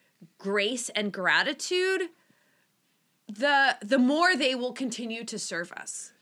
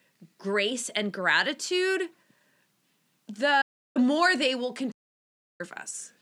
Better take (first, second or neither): first